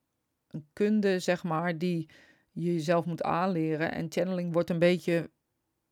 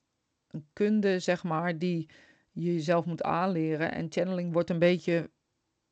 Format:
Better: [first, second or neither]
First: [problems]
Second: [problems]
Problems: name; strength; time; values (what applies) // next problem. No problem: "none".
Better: first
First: none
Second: garbled, watery; slightly; nothing above 7.5 kHz